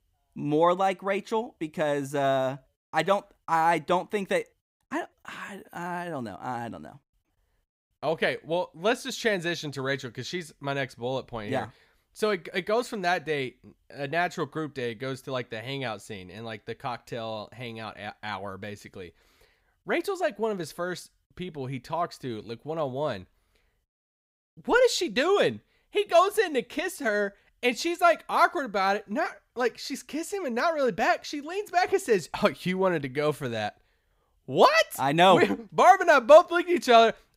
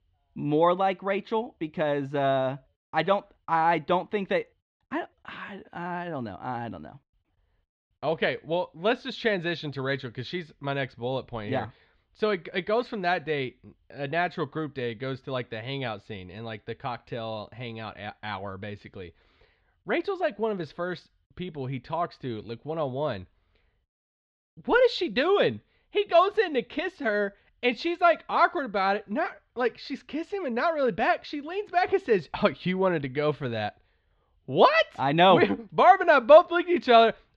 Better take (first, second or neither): first